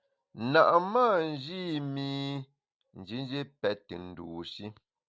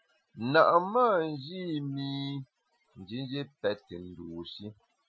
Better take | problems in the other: first | noise reduction (classical method Wiener filter)

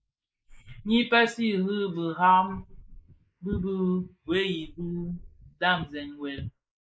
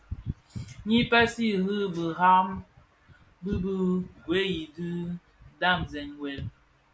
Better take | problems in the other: second | noise reduction (neural mask model Resemble Enhance denoiser)

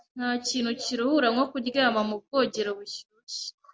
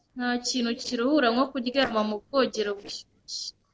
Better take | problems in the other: first | noise reduction (neural separator model SepFormer DNS4)

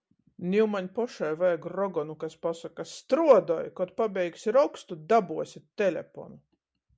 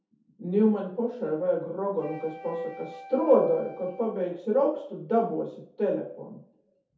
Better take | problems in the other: first | background sound (Wind instrument, woodwind instrument); 19 dB below the speech // room echo; dies away in 0.5 s

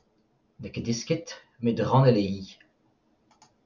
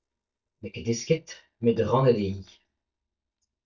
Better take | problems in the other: first | noise reduction (neural mask model DeepFilterNet 3)

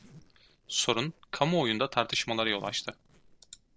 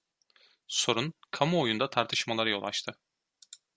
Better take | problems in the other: second | noise reduction (neural separator model SepFormer DNS4)

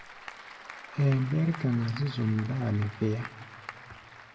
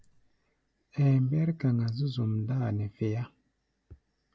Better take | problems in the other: second | background sound (Applause / Crowd); 15 dB below the speech // room echo; dies away in 0.9 s

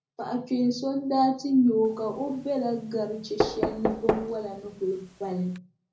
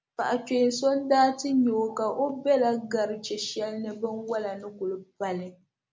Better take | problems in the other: second | background sound (Knock); 5 dB below the speech // room echo; dies away in 0.4 s

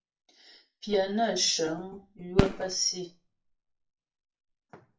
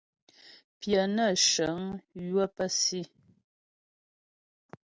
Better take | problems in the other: second | noise reduction (classical method WPE with log-MMSE)

